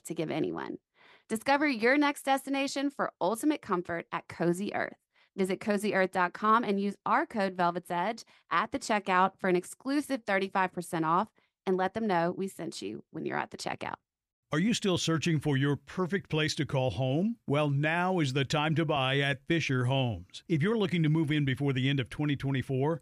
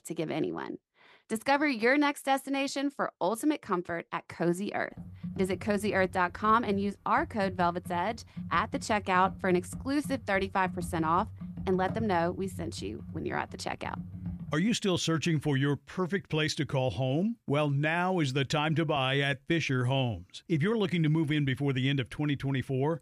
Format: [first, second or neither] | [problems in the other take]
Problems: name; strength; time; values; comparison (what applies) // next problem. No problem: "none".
first | keyboard typing; noticeable; from 5 to 15 s; peak 8 dB below the speech